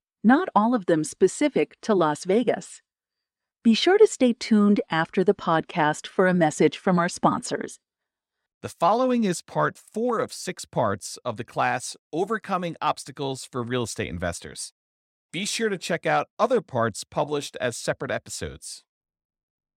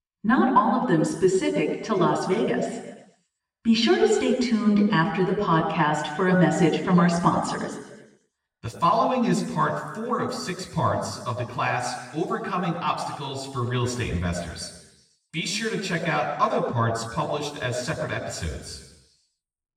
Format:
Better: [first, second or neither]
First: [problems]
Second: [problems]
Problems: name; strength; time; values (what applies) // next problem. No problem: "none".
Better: first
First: none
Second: room echo; noticeable; dies away in 1.2 s // off-mic speech; far